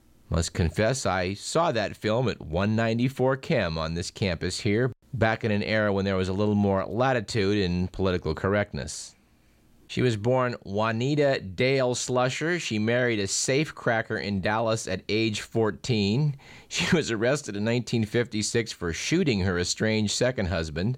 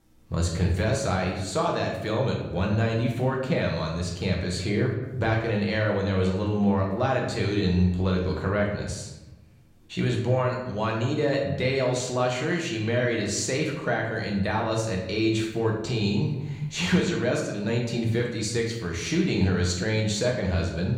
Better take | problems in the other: first | room echo; noticeable; dies away in 0.9 s // off-mic speech; somewhat distant

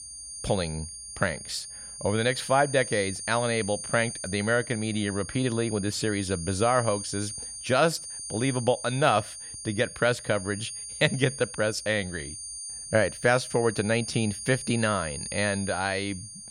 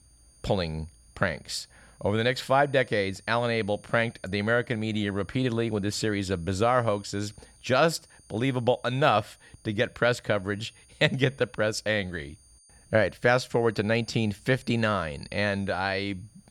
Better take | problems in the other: second | high-pitched whine; loud; throughout; 9 kHz, 9 dB below the speech; faint in the second

